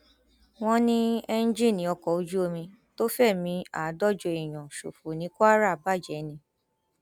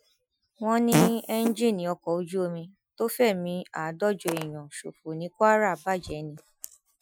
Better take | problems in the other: first | noise reduction (classical method Wiener filter)

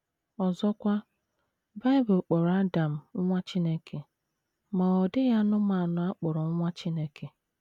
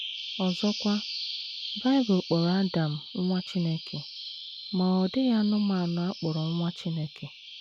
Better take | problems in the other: first | background sound (Bird vocalization, bird call, bird song); 11 dB below the speech

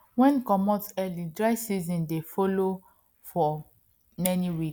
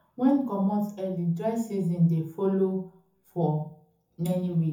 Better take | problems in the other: first | room echo; dies away in 0.5 s

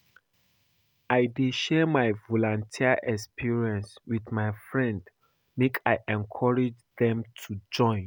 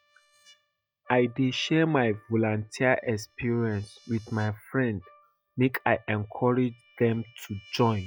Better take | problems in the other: first | noise reduction (classical method log-MMSE)

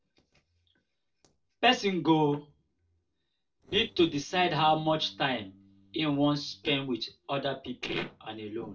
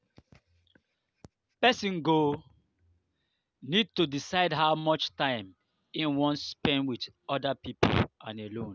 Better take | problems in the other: second | noise reduction (neural separator model SepFormer DNS4)

